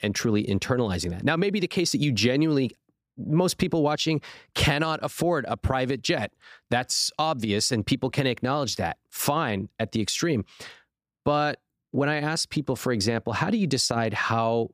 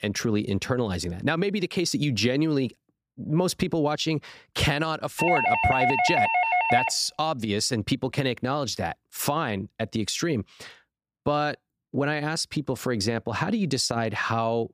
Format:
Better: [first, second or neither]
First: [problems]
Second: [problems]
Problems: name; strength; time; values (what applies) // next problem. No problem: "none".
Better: first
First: none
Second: doorbell; loud; from 5 to 7 s; peak 5 dB above the speech